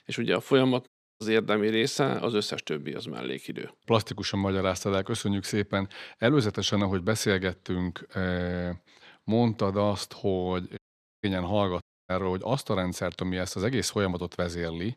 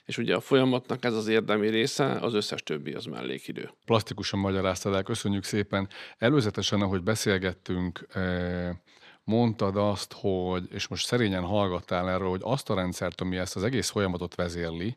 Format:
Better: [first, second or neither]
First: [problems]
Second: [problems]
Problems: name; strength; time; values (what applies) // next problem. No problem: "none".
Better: second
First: audio cutting out; at 1 s, at 11 s and at 12 s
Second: none